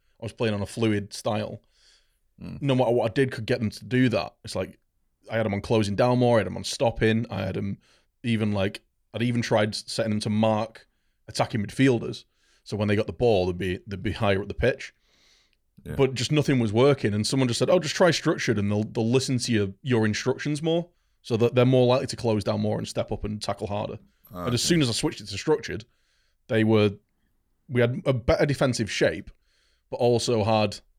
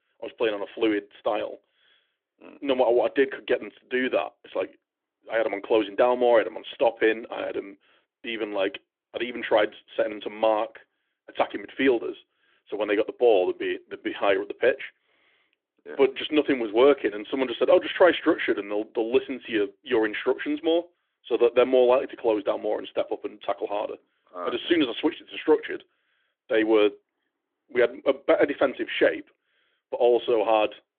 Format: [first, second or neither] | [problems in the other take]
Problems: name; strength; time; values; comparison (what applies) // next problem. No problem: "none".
first | phone-call audio; nothing above 3.5 kHz